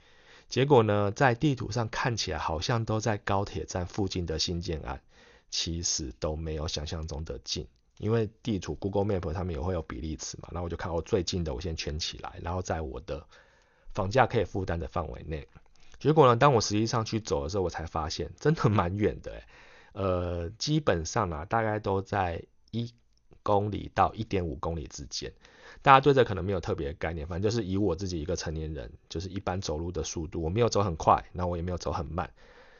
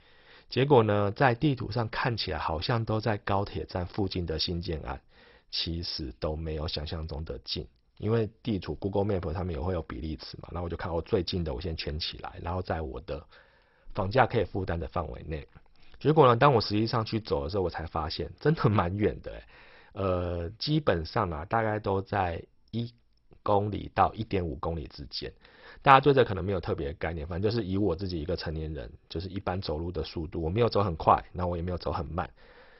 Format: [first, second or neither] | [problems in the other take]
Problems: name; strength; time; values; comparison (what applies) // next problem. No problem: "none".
first | garbled, watery; badly; nothing above 5.5 kHz; slightly in the first